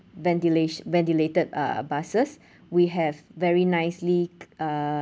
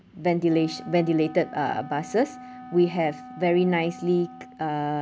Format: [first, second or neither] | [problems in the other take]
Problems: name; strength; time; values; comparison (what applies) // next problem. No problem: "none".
first | background sound (Wind instrument, woodwind instrument); 18 dB below the speech